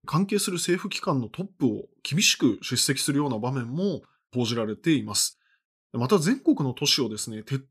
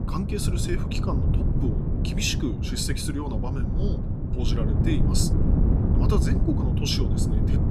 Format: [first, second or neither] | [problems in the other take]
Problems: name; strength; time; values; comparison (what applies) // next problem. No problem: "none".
first | wind noise on the microphone; heavy; 3 dB below the speech